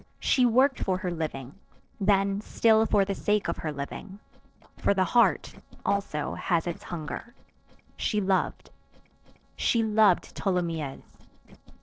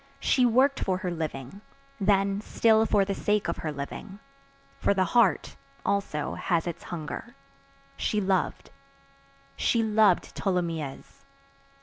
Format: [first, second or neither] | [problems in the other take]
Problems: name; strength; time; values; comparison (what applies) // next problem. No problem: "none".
second | noise reduction (neural separator model SepFormer DNS4)